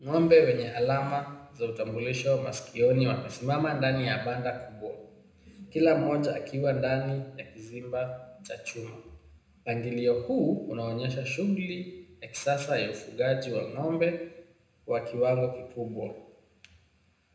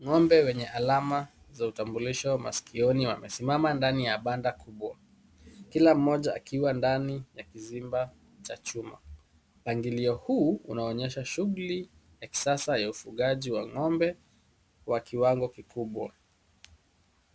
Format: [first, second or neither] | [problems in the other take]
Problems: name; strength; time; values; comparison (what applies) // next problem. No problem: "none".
second | room echo; dies away in 0.8 s